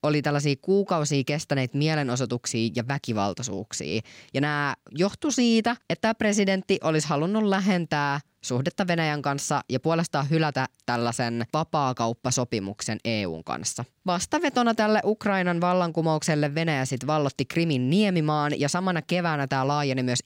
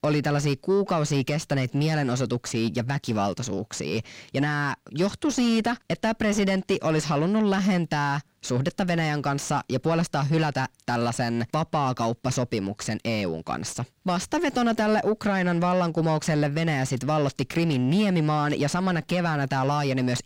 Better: first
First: none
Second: distortion; slight; 10 dB below the speech

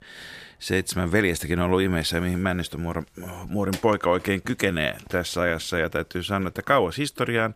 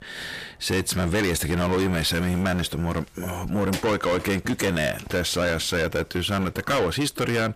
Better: first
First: none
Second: distortion; heavy; 6 dB below the speech

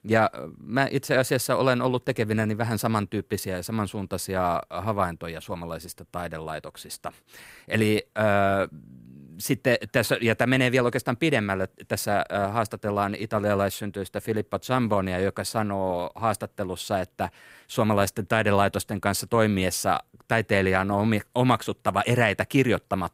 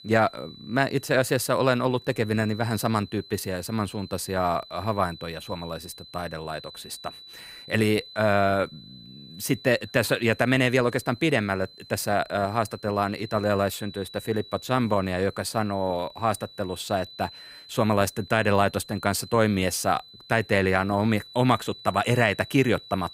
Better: first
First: none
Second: high-pitched whine; noticeable; throughout; 4 kHz, 20 dB below the speech

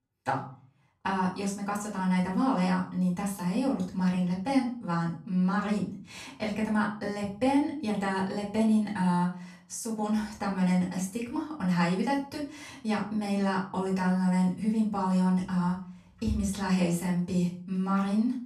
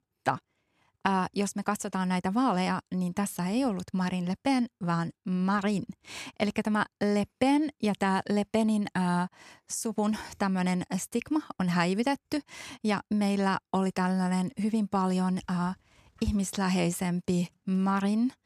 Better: second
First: off-mic speech; far // room echo; slight; dies away in 0.4 s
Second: none

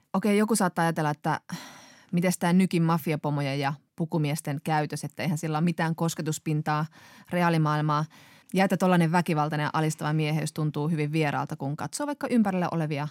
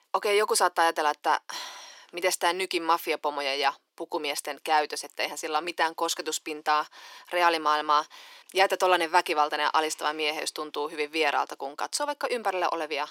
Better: first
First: none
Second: thin; very; fading below 350 Hz

